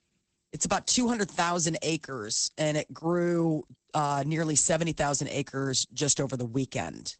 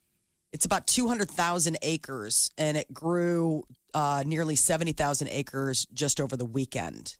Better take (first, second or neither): second